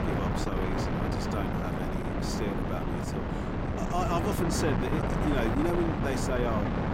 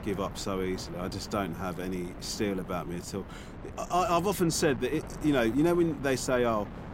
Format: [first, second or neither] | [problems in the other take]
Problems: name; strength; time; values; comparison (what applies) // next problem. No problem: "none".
second | wind noise on the microphone; heavy; 1 dB above the speech; occasional gusts in the second